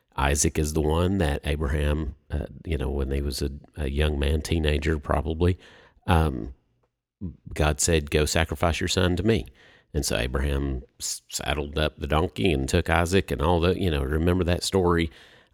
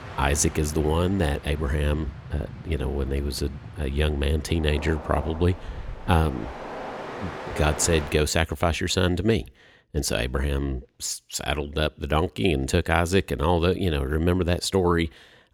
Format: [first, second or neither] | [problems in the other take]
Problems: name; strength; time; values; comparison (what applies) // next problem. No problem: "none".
first | train or aircraft noise; noticeable; until 8 s; 15 dB below the speech